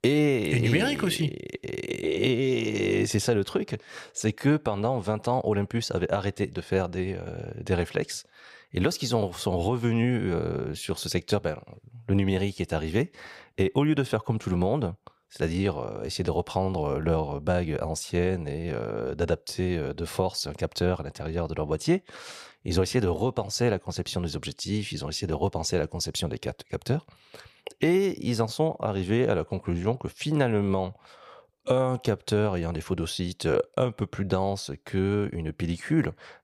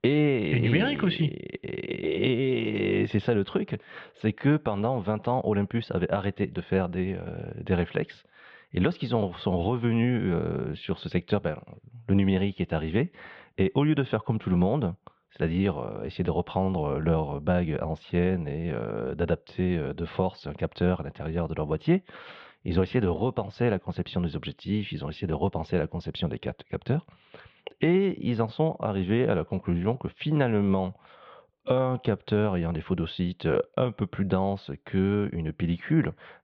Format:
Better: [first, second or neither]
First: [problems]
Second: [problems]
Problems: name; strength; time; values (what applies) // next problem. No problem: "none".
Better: first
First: none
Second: muffled; very; fading above 3.5 kHz